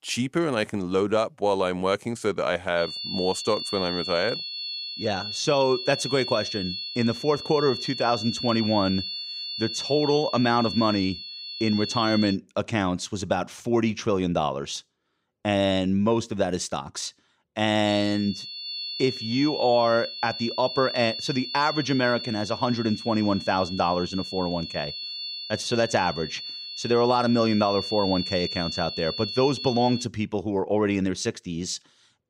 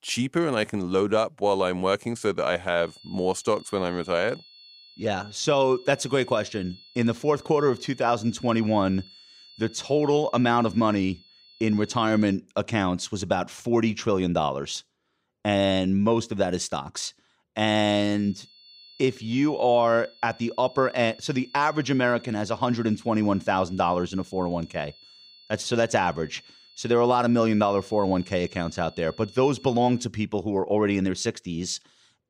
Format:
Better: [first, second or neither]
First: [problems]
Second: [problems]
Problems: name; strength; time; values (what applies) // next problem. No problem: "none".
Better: second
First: high-pitched whine; loud; from 3 to 12 s and from 18 to 30 s; 4.5 kHz, 6 dB below the speech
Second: high-pitched whine; faint; from 3 to 12 s and from 18 to 30 s; 4.5 kHz, 25 dB below the speech